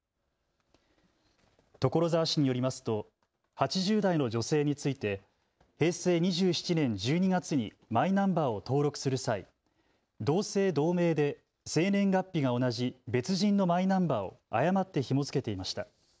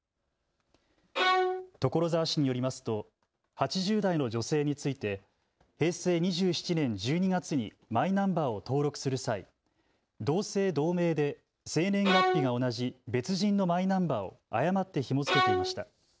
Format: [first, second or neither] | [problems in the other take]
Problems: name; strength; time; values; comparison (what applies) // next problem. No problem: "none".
first | background sound (Bowed string instrument); 2 dB above the speech